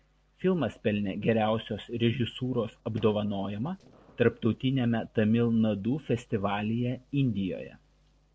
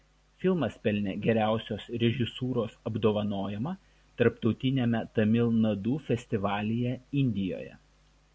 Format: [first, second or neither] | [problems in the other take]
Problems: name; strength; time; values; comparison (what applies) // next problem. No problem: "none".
second | noise reduction (neural separator model SepFormer DNS4)